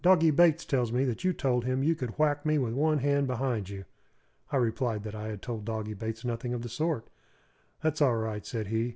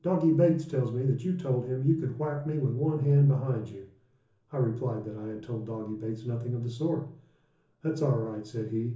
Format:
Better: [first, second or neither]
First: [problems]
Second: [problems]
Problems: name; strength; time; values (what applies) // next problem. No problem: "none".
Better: first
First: none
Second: room echo; dies away in 0.7 s